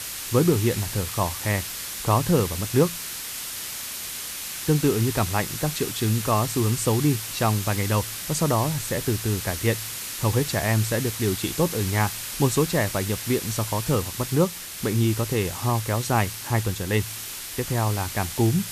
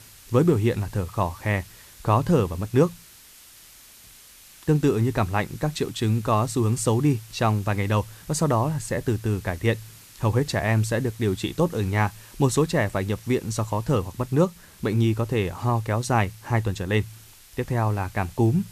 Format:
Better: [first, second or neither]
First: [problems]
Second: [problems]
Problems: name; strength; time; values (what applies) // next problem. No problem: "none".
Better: second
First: hiss; loud; throughout; 6 dB below the speech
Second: hiss; faint; throughout; 20 dB below the speech